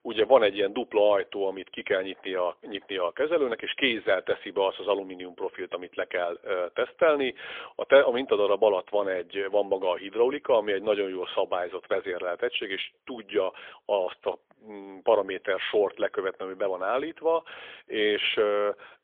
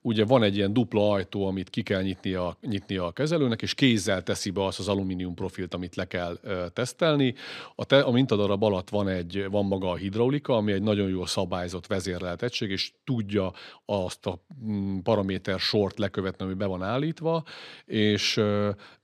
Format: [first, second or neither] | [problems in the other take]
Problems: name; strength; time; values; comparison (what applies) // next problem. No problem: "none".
second | phone-call audio; poor line; nothing above 3.5 kHz